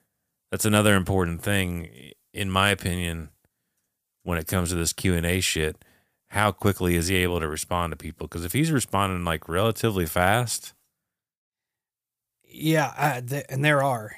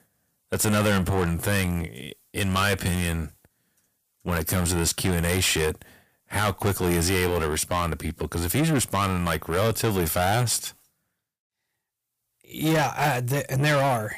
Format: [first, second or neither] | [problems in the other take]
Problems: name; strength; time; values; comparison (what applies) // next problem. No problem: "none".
first | distortion; heavy; 5 dB below the speech